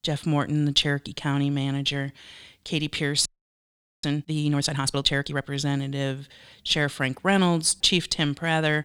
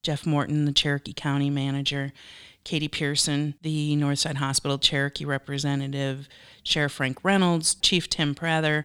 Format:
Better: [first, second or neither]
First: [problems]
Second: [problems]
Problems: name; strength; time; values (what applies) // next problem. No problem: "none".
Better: second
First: audio freezing; at 3.5 s for 1 s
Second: none